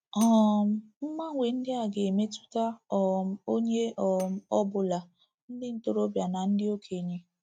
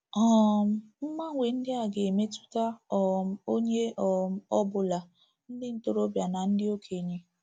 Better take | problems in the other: second | noise reduction (neural mask model RNNoise)

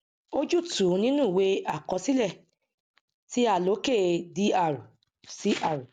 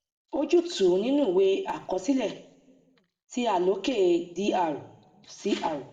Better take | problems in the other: first | room echo; dies away in 0.8 s

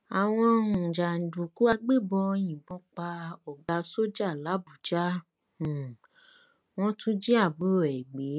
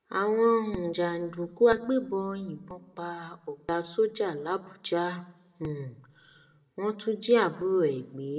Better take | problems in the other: first | room echo; dies away in 0.9 s

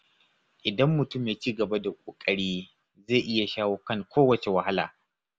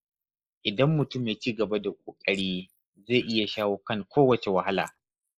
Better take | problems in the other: first | noise reduction (neural mask model Resemble Enhance denoiser)

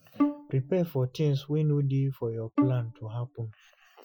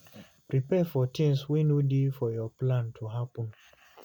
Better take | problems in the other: second | noise reduction (classical method Wiener filter)

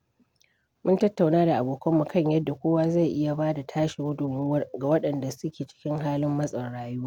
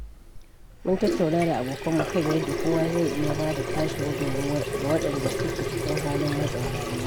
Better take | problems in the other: first | background sound (Sink (filling or washing) / Water tap, faucet); 2 dB below the speech

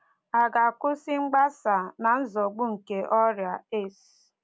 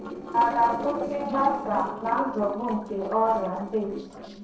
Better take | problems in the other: first | noise reduction (neural separator model SepFormer DNS4)

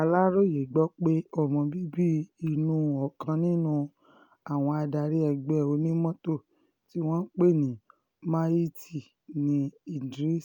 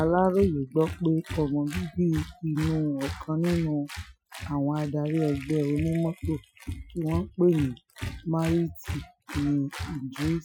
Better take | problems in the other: first | noise reduction (classical method Wiener filter)

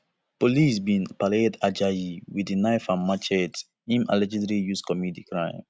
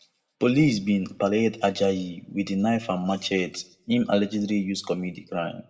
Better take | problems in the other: first | room echo; dies away in 0.5 s

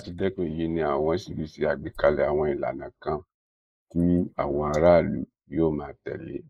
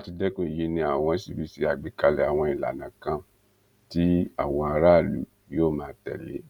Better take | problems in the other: second | noise reduction (neural mask model Resemble Enhance denoiser)

